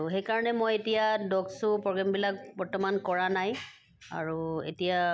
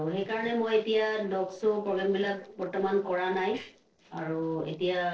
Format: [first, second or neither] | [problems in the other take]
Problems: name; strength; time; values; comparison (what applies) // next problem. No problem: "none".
first | noise reduction (neural separator model SepFormer DNS4)